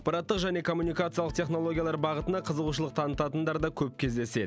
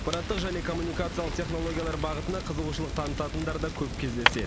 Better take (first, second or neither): first